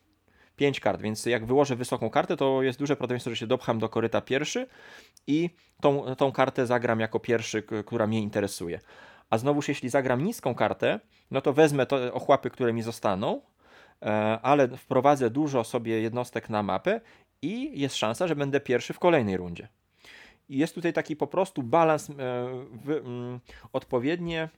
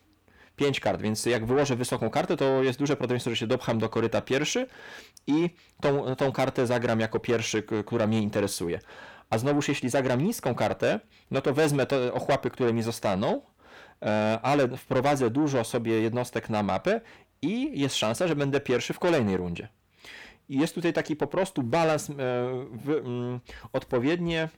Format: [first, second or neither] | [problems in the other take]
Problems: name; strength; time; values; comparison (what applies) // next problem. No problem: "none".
first | distortion; heavy; 8 dB below the speech